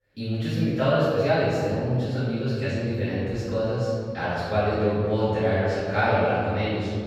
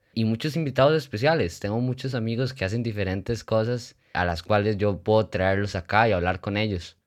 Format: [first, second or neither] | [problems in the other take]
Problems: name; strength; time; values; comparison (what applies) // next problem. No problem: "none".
second | off-mic speech; far // room echo; strong; dies away in 1.9 s